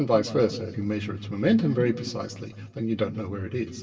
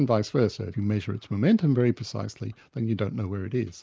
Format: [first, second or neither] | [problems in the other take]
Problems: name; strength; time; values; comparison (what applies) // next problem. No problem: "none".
second | room echo; dies away in 1.3 s